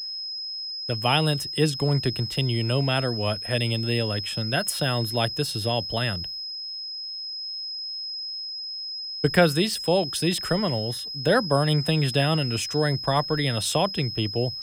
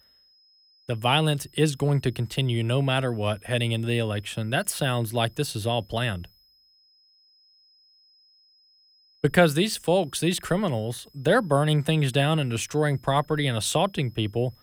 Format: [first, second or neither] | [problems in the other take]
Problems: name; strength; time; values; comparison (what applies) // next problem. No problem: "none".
second | high-pitched whine; loud; throughout; 5 kHz, 6 dB below the speech; faint in the second